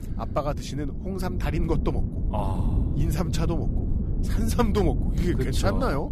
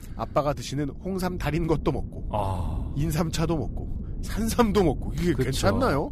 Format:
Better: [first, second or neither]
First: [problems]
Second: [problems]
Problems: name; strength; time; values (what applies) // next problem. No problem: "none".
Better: second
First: wind noise on the microphone; heavy; 9 dB below the speech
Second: wind noise on the microphone; occasional gusts; 20 dB below the speech